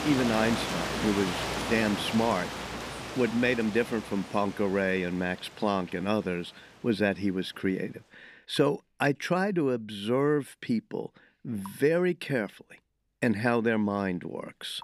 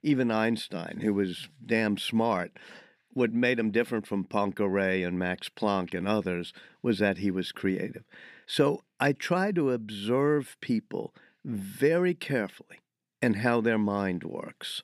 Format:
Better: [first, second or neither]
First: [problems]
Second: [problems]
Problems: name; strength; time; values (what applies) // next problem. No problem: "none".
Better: second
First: rain or running water; loud; throughout; 6 dB below the speech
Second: none